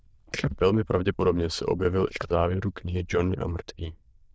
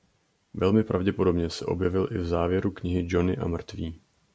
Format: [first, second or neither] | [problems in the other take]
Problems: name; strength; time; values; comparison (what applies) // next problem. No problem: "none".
second | noise reduction (neural diffusion model UNIVERSE++)